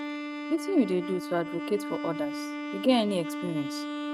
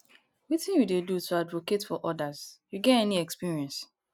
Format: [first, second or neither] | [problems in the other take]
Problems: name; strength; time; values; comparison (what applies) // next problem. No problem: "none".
second | noise reduction (neural mask model RNNoise)